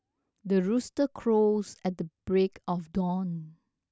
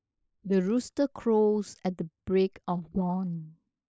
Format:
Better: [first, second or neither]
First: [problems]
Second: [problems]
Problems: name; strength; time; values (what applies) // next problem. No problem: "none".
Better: first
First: none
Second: noise reduction (neural mask model Resemble Enhance denoiser)